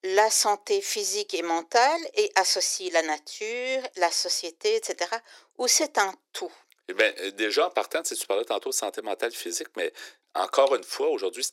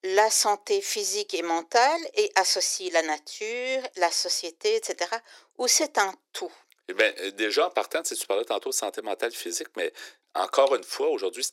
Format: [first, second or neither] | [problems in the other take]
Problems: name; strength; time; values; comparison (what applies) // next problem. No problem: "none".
neither | thin; very; fading below 400 Hz; the same in both